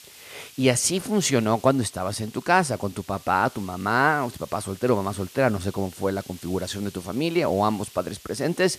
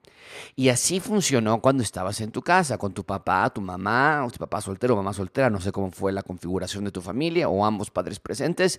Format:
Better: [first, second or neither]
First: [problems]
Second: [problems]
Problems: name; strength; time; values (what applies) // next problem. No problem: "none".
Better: second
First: hiss; faint; throughout; 20 dB below the speech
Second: none